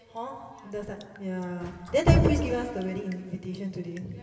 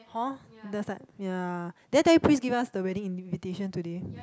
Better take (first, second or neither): second